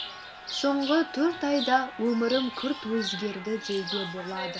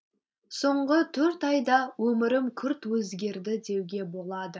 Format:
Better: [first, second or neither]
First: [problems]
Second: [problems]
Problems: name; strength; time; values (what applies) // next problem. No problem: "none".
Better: second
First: background sound (Chirp, tweet); 9 dB below the speech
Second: none